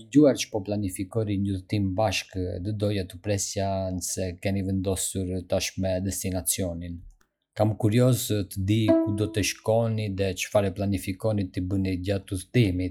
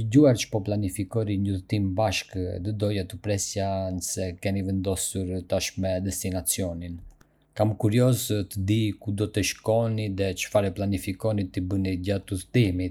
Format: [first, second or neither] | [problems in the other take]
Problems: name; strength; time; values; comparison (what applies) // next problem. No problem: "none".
second | noise reduction (classical method log-MMSE)